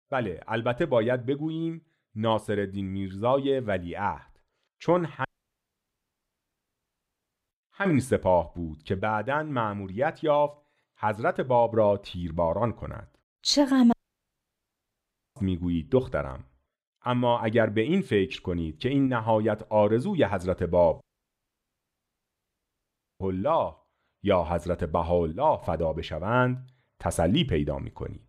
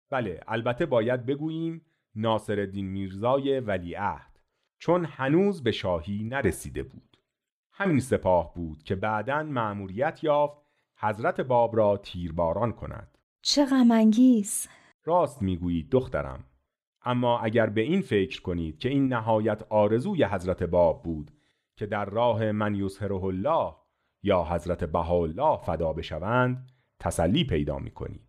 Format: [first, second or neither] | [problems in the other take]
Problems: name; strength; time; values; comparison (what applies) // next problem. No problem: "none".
second | audio cutting out; at 5.5 s for 2.5 s, at 14 s for 1.5 s and at 21 s for 2 s